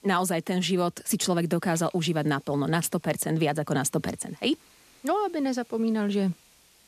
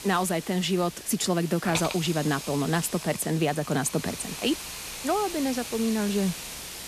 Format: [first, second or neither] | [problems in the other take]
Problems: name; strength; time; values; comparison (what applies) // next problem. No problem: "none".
first | hiss; loud; throughout; 9 dB below the speech; faint in the first